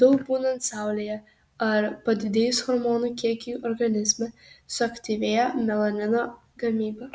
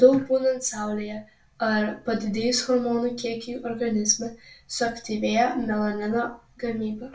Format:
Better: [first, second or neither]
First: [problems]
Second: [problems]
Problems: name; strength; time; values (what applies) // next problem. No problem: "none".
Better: first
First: none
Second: room echo; dies away in 0.2 s